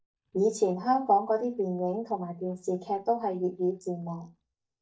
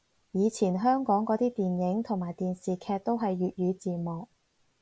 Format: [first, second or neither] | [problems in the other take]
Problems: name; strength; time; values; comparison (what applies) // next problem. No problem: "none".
second | noise reduction (neural mask model DeepFilterNet 3)